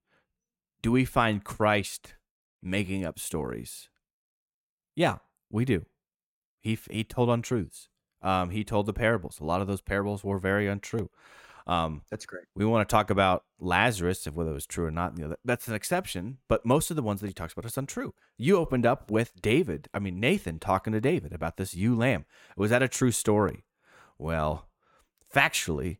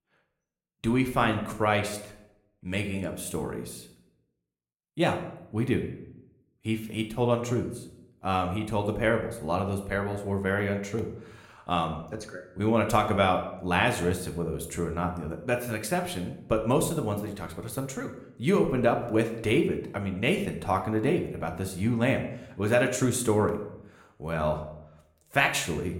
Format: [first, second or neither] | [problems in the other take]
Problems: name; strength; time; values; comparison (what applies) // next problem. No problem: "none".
first | room echo; slight; dies away in 0.6 s